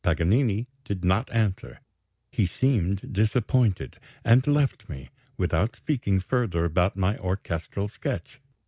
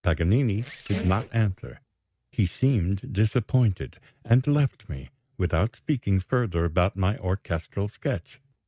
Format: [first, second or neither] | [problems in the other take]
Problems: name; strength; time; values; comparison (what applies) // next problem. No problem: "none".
first | noise reduction (neural mask model RNNoise)